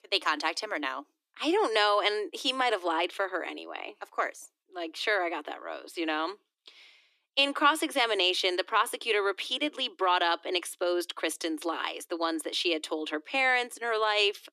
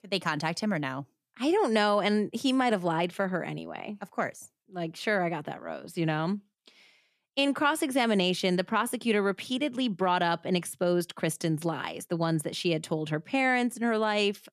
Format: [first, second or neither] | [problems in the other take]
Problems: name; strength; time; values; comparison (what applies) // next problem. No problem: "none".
second | thin; very; fading below 300 Hz